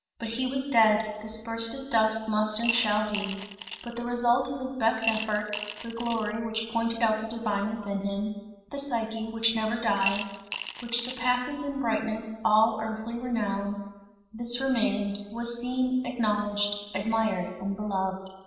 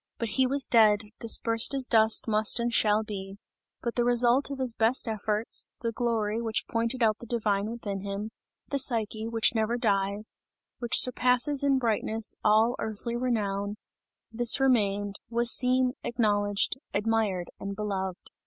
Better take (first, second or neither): second